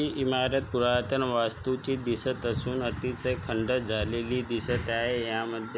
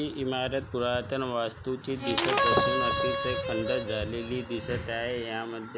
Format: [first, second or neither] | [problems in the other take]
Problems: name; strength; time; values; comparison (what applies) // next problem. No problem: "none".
first | background sound (Harmonica + Shatter); 2 dB above the speech